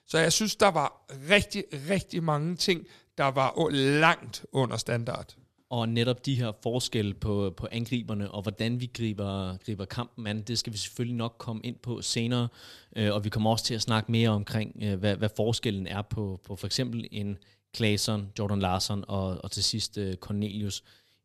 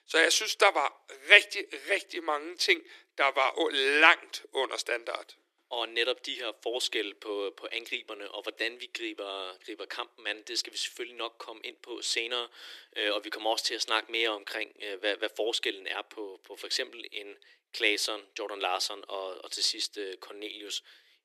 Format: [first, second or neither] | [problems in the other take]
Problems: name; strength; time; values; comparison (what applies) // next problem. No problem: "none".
first | thin; very; fading below 300 Hz